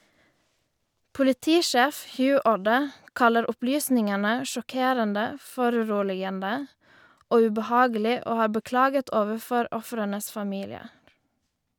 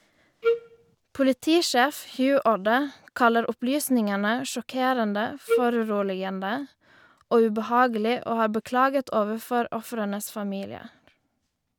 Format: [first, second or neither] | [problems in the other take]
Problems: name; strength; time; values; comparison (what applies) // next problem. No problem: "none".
first | background sound (Wind instrument, woodwind instrument); 1 dB below the speech